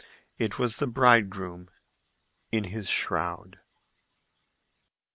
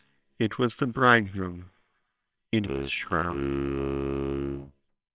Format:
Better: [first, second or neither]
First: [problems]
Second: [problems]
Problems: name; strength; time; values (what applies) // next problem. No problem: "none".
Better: first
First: none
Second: noise reduction (neural separator model SepFormer WHAMR!)